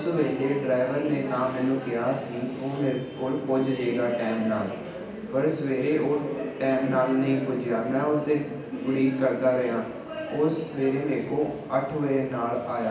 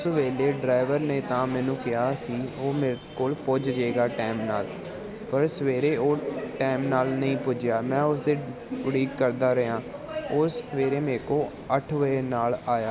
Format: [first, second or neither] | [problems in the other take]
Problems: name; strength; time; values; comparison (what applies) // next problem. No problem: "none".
second | background sound (Whoosh, swoosh, swish); 19 dB below the speech // room echo; dies away in 0.9 s